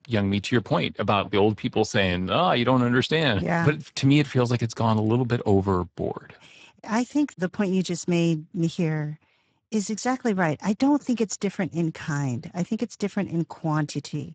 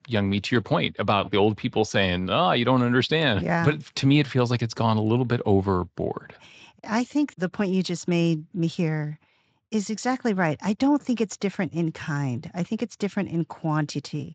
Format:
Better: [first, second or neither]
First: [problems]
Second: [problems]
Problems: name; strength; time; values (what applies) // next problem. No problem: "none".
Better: second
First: garbled, watery; badly; nothing above 7.5 kHz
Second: garbled, watery; slightly; nothing above 7.5 kHz